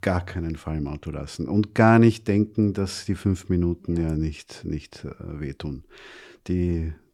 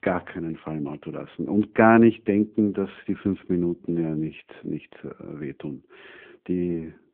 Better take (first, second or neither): first